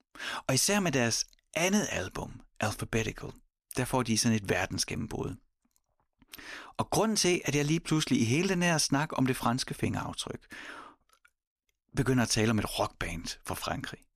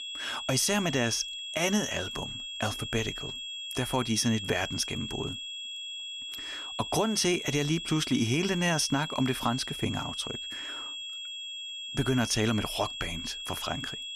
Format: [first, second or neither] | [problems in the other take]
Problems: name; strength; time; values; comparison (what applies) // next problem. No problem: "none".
first | high-pitched whine; loud; throughout; 3.5 kHz, 6 dB below the speech